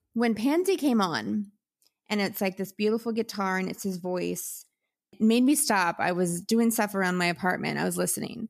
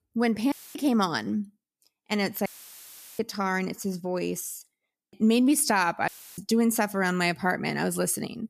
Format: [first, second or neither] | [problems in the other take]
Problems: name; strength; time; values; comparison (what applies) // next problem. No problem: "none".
first | audio cutting out; filled with static; at 0.5 s, at 2.5 s for 0.5 s and at 6 s